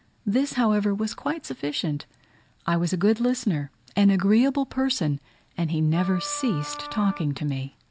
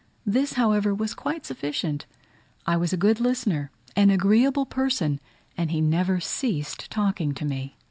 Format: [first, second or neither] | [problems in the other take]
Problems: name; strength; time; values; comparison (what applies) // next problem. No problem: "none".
second | background sound (Wind instrument, woodwind instrument); 13 dB below the speech